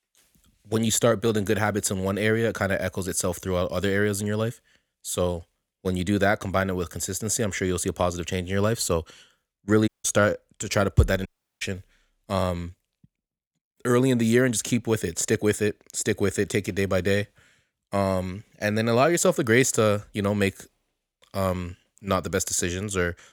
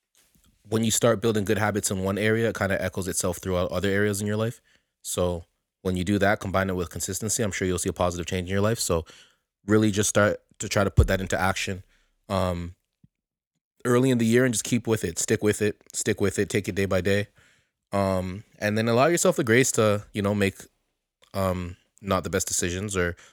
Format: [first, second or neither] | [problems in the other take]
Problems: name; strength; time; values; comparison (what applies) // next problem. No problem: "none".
second | audio cutting out; at 10 s and at 11 s